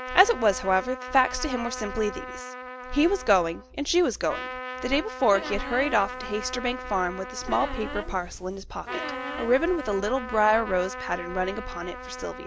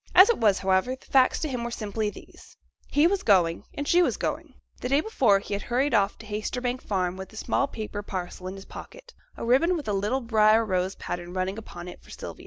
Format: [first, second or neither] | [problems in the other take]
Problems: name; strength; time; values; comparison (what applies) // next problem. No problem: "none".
second | background sound (Trumpet + Squeak); 10 dB below the speech